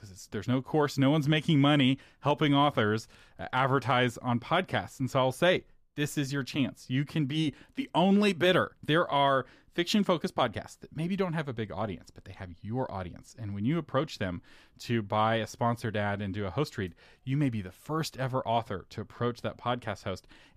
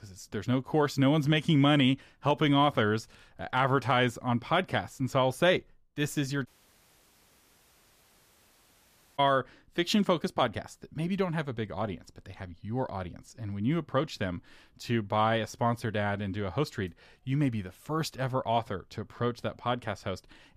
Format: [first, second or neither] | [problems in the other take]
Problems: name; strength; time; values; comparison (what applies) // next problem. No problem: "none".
first | audio cutting out; at 6.5 s for 2.5 s